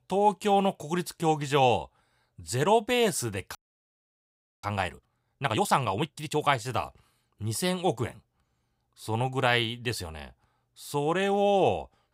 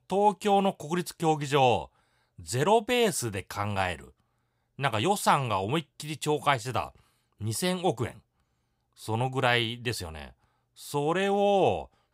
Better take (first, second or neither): second